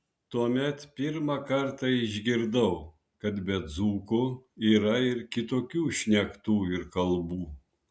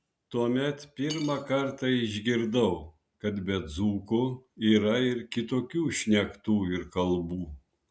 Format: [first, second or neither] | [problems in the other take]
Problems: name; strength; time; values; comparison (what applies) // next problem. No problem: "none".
first | background sound (Cutlery, silverware / Dishes, pots, and pans); 17 dB below the speech